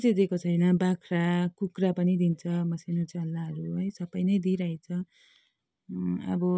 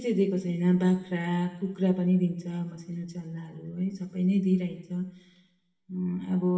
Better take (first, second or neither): first